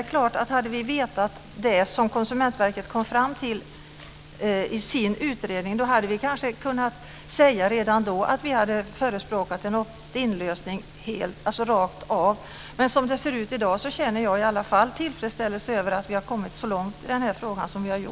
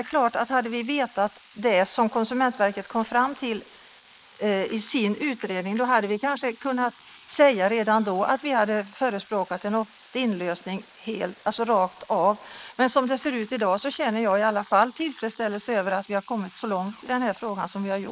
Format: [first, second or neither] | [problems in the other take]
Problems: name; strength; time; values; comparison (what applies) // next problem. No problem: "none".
first | noise reduction (neural mask model Resemble Enhance denoiser)